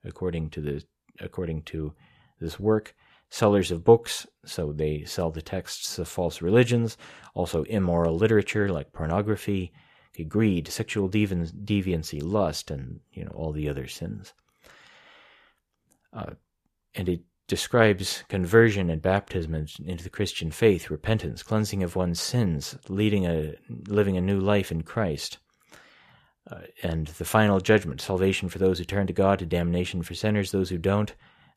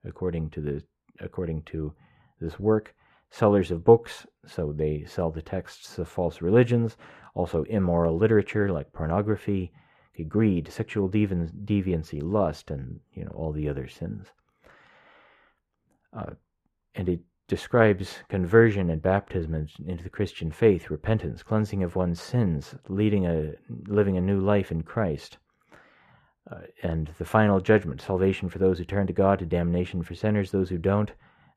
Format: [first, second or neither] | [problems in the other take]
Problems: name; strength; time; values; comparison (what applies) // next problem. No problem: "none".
first | muffled; slightly; fading above 3 kHz